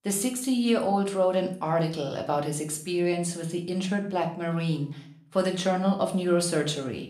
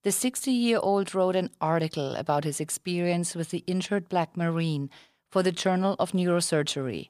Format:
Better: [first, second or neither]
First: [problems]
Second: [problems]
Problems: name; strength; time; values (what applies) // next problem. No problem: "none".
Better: second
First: room echo; slight; dies away in 0.5 s // off-mic speech; somewhat distant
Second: none